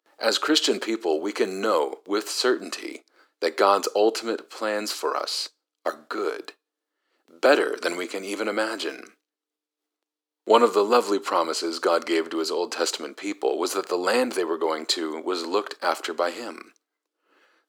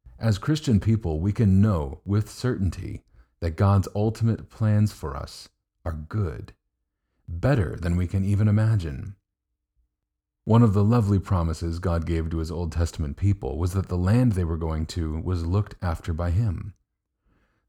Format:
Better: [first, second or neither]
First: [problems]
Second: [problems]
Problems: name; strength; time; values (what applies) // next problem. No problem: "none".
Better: second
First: thin; very; fading below 350 Hz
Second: none